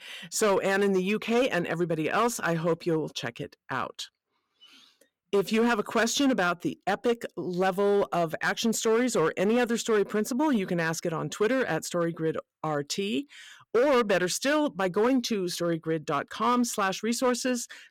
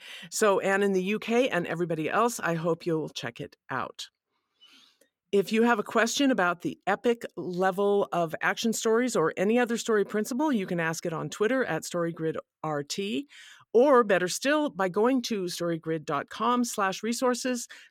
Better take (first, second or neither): second